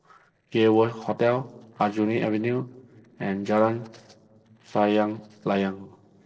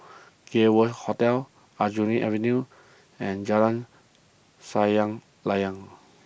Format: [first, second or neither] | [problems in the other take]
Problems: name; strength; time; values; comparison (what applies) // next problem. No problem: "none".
second | noise reduction (neural separator model SepFormer DNS4)